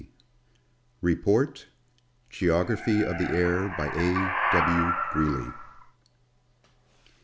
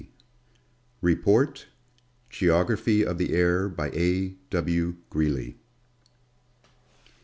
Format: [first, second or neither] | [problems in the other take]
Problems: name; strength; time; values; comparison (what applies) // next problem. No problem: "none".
second | background sound (Animal); 2 dB below the speech